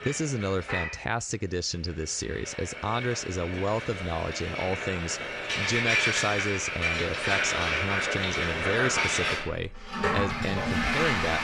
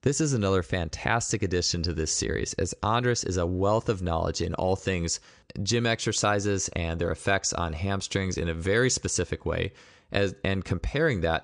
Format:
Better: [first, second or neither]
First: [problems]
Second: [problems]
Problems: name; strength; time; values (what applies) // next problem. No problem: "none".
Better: second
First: household noises; very loud; throughout; 3 dB above the speech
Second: none